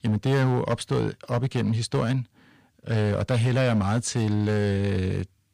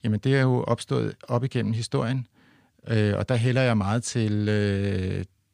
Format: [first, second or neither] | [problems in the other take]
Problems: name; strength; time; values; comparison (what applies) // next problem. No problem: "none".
second | distortion; slight; 7% of the sound clipped